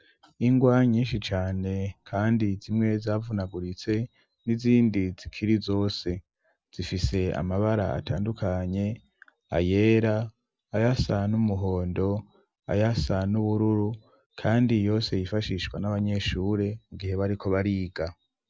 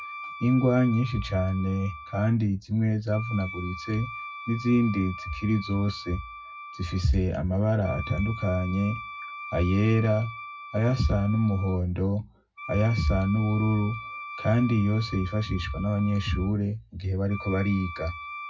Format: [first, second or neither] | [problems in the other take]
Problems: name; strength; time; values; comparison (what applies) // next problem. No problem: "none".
first | background sound (Wind instrument, woodwind instrument); 14 dB below the speech // room echo; dies away in 0.3 s